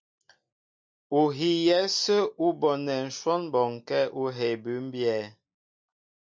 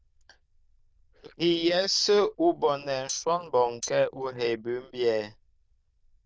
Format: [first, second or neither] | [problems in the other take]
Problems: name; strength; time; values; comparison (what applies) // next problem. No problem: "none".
first | noise reduction (neural diffusion model UNIVERSE++)